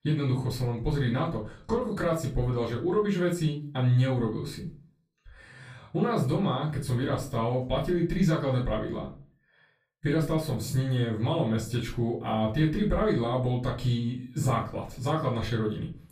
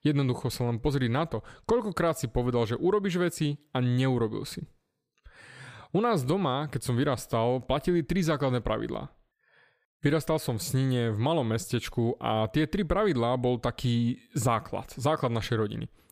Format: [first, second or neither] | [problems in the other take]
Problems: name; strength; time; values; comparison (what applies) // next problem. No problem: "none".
second | off-mic speech; far // room echo; slight; dies away in 0.3 s